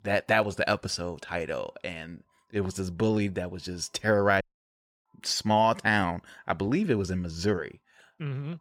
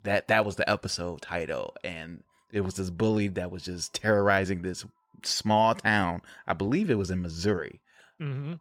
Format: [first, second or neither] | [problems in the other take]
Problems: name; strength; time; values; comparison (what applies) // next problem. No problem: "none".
second | audio cutting out; at 4.5 s for 0.5 s